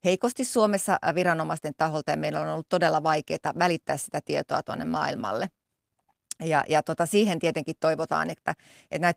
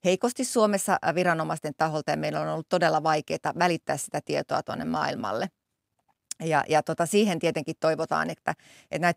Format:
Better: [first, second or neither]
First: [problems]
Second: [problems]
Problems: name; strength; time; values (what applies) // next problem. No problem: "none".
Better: second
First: garbled, watery; slightly; nothing above 15.5 kHz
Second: none